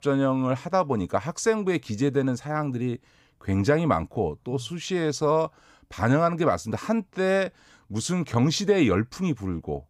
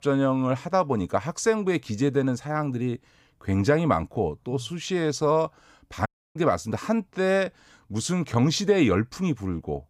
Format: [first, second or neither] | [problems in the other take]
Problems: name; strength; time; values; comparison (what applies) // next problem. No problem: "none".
first | audio cutting out; at 6 s